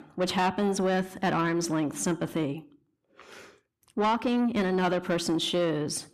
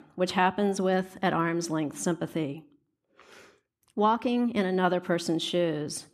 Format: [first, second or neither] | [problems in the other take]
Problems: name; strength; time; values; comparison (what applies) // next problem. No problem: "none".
second | distortion; slight; 10 dB below the speech